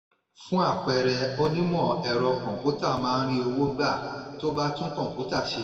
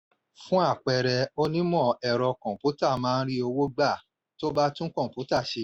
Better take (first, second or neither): second